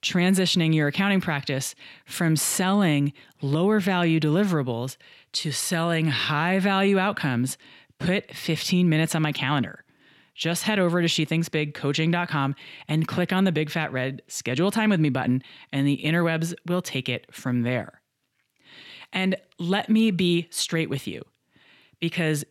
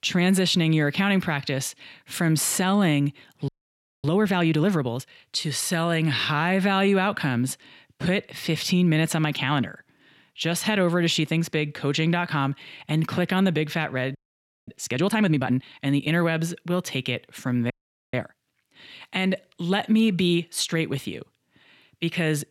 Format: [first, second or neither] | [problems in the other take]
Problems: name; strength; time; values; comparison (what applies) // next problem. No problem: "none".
first | audio freezing; at 3.5 s for 0.5 s, at 14 s for 0.5 s and at 18 s